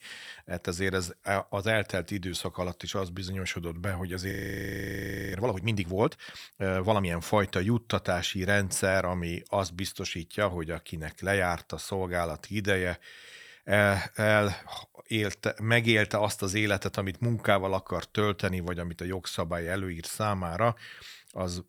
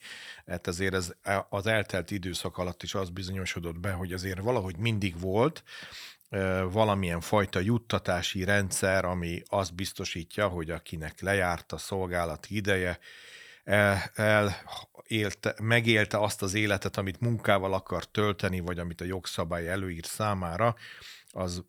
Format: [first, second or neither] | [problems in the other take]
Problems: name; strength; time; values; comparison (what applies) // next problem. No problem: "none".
second | audio freezing; at 4.5 s for 1 s